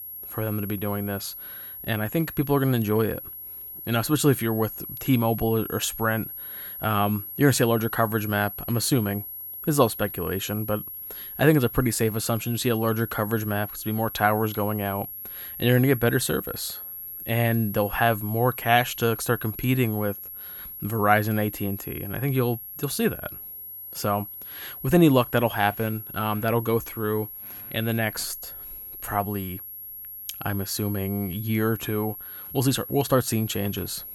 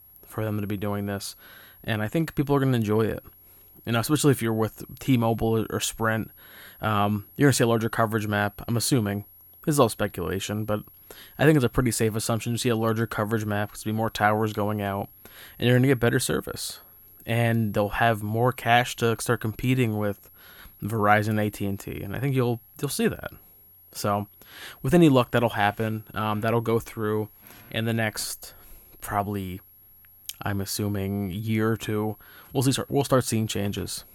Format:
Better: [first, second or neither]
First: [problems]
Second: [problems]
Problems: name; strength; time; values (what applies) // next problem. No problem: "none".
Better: second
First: high-pitched whine; loud; throughout; 11.5 kHz, 10 dB below the speech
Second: high-pitched whine; faint; throughout; 11.5 kHz, 25 dB below the speech